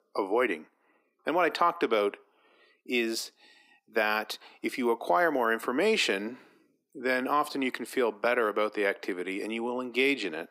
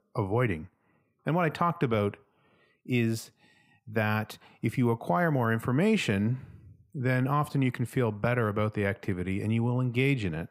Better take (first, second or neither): second